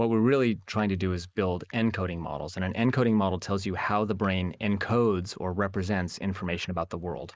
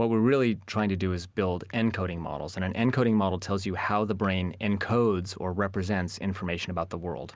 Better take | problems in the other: second | noise reduction (neural mask model Resemble Enhance denoiser)

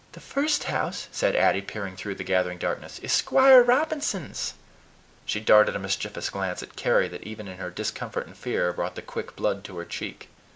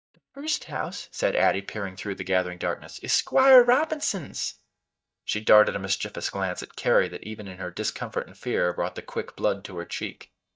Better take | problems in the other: first | noise reduction (neural mask model DeepFilterNet 3)

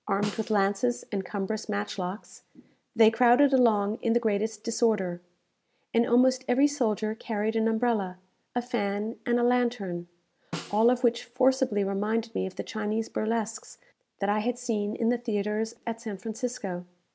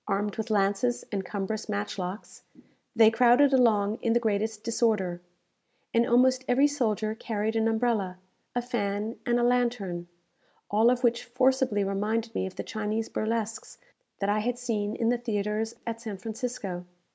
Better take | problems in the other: second | background sound (Snare drum); 17 dB below the speech

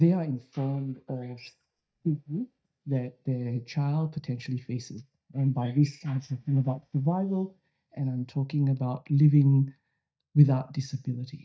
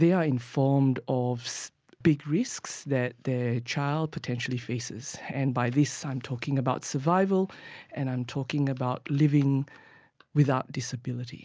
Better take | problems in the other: second | noise reduction (neural mask model DeepFilterNet 3)

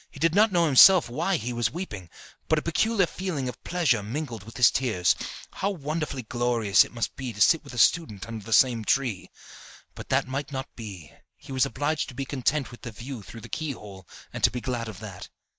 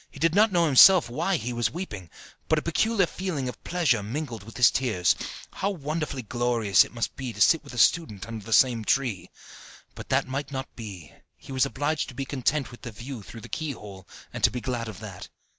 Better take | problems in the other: second | noise reduction (neural mask model Resemble Enhance denoiser)

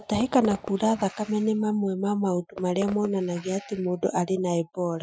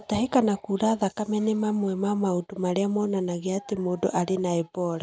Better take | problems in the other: second | noise reduction (classical method Wiener filter)

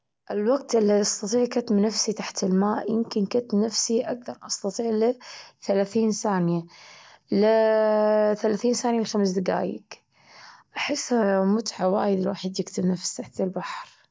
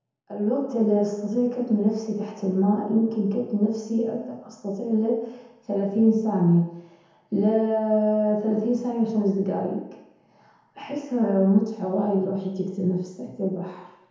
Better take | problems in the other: first | room echo; dies away in 1 s

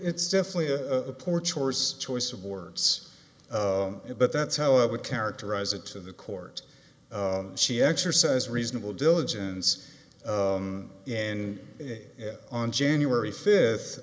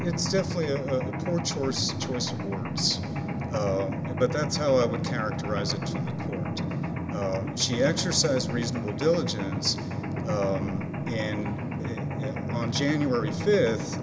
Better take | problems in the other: first | background sound (Mechanisms); 2 dB below the speech

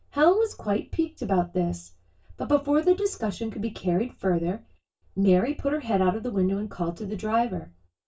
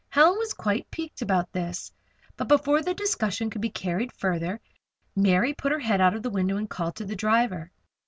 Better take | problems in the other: second | room echo; dies away in 0.2 s

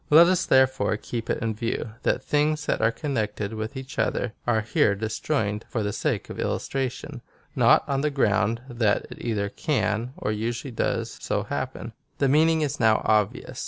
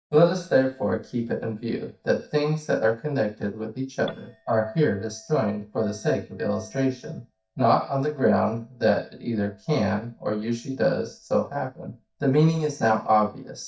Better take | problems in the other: first | noise reduction (neural mask model DeepFilterNet 3)

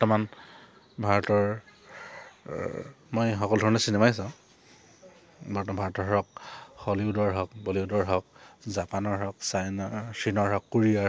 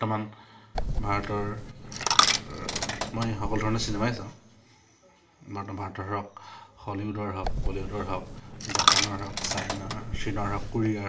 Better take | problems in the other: first | background sound (Coin (dropping)); 4 dB above the speech // room echo; dies away in 0.5 s

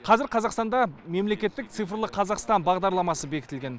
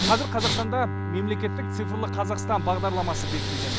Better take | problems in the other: first | background sound (Respiratory sounds + Bowed string instrument); as loud as the speech

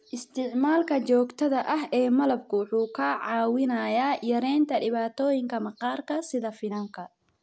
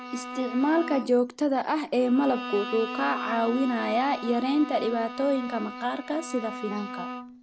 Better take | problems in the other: first | background sound (Bowed string instrument); 10 dB below the speech

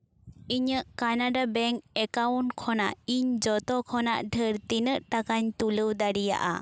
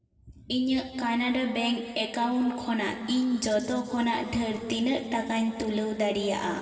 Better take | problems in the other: first | room echo; dies away in 2.5 s

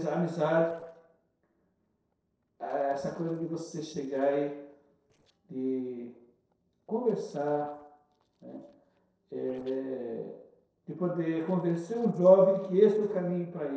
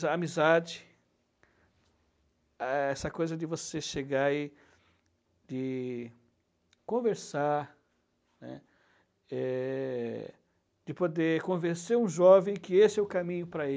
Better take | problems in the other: second | noise reduction (neural separator model SepFormer DNS4)

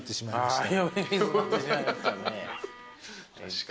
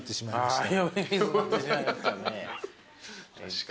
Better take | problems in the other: second | background sound (Bowed string instrument); 18 dB below the speech

